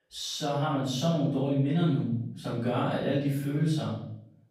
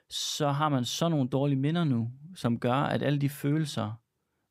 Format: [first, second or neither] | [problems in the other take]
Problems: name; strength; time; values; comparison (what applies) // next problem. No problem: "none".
second | off-mic speech; far // room echo; noticeable; dies away in 0.6 s